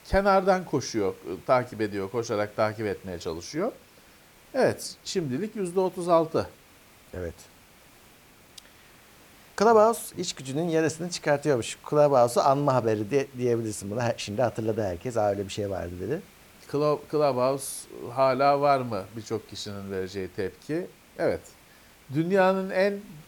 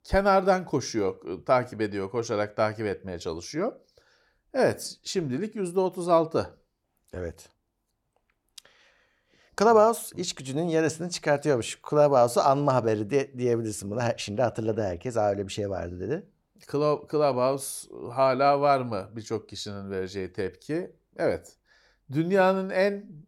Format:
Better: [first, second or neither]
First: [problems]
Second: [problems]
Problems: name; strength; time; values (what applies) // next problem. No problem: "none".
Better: second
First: hiss; faint; throughout; 25 dB below the speech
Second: none